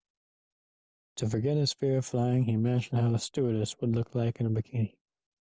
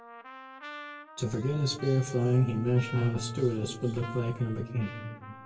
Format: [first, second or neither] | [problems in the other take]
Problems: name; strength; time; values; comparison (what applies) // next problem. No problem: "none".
first | background sound (Trumpet); 16 dB below the speech // room echo; dies away in 1.5 s